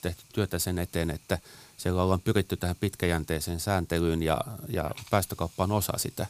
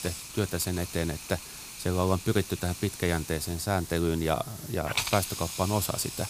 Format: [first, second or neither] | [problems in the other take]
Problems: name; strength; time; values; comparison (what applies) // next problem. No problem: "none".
first | hiss; loud; throughout; 7 dB below the speech; faint in the first